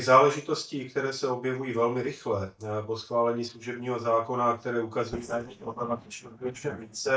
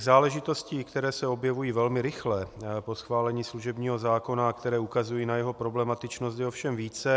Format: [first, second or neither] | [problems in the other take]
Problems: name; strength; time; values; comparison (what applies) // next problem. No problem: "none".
second | noise reduction (neural mask model DeepFilterNet 3)